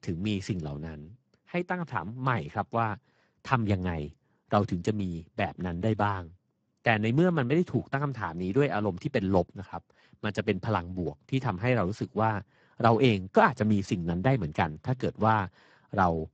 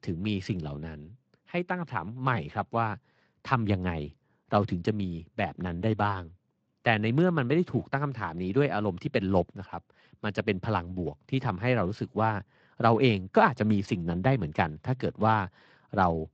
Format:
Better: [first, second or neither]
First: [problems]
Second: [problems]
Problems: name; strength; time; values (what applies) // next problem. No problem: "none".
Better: second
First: garbled, watery; badly; nothing above 7.5 kHz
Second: garbled, watery; slightly